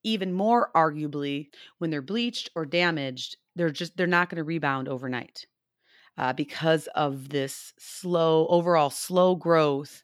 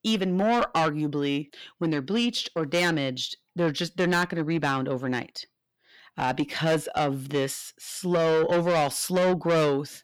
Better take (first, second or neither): first